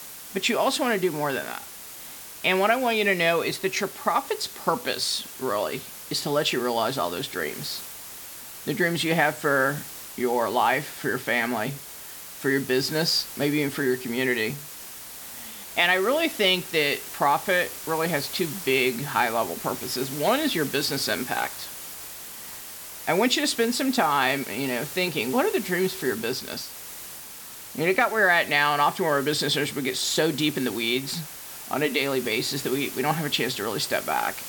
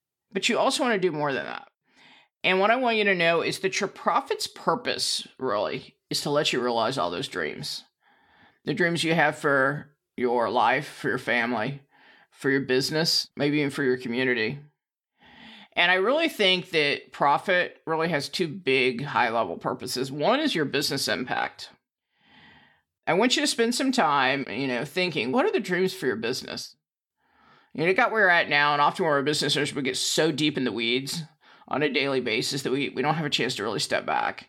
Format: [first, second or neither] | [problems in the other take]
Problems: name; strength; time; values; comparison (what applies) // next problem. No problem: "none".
second | hiss; noticeable; throughout; 10 dB below the speech